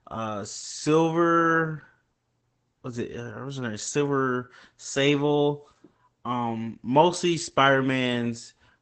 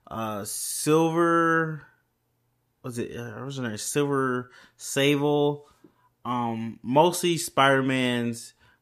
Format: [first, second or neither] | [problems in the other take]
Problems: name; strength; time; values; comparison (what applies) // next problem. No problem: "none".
second | garbled, watery; badly; nothing above 8 kHz